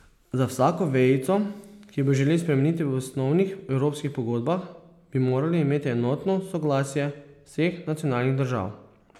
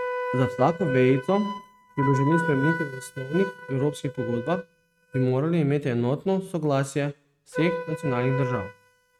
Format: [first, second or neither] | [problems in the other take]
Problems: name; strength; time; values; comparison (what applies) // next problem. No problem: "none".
first | noise reduction (neural mask model RNNoise)